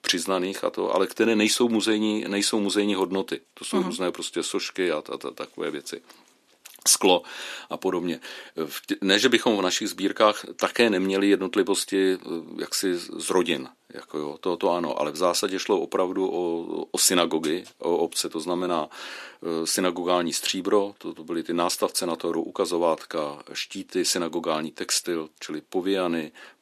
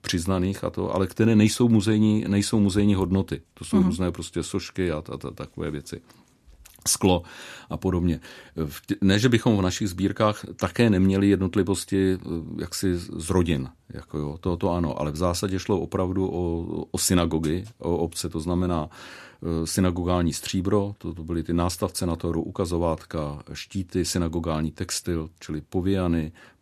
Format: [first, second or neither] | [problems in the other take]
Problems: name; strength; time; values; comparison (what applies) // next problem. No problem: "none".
second | thin; somewhat; fading below 300 Hz